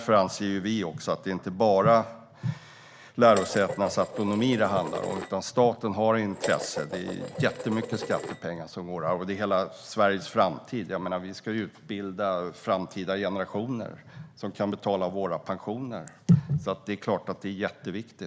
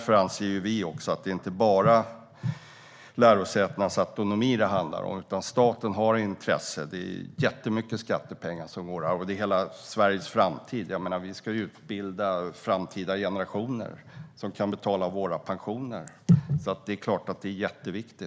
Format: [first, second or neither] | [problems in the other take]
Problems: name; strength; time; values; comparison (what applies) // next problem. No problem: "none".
second | background sound (Dishes, pots, and pans); 10 dB below the speech